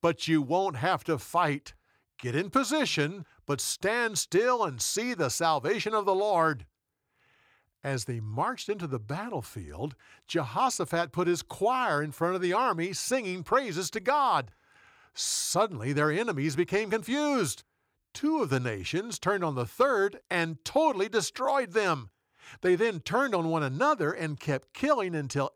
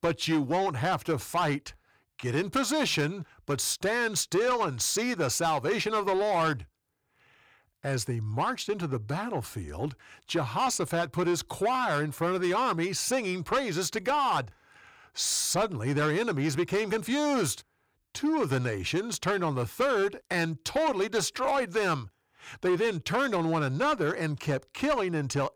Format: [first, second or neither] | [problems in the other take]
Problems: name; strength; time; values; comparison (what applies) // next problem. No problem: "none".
first | distortion; slight; 10 dB below the speech